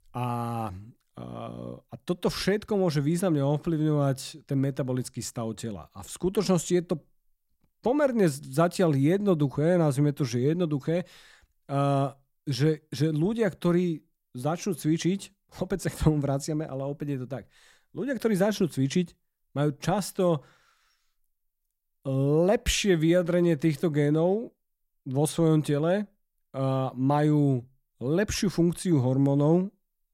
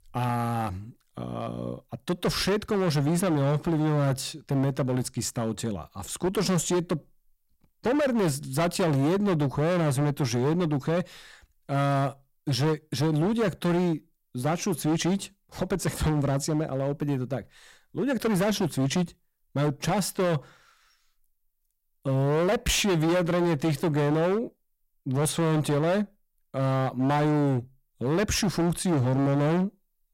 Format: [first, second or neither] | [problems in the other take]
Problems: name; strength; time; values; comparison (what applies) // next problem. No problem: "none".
first | distortion; heavy; 18% of the sound clipped